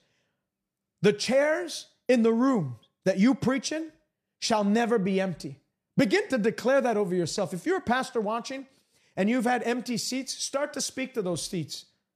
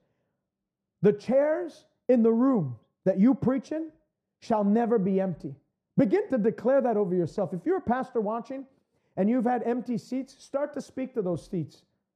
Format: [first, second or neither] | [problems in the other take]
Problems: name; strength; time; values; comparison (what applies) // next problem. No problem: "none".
first | muffled; very; fading above 1.5 kHz